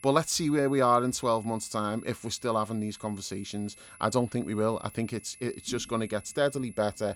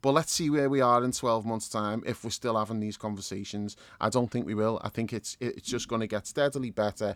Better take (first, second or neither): second